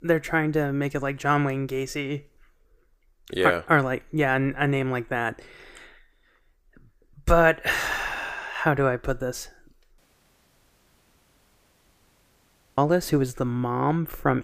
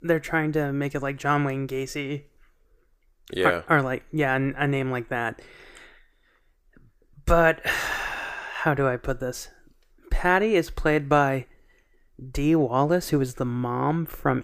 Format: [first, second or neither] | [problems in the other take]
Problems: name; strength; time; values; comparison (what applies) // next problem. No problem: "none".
second | audio cutting out; at 10 s for 3 s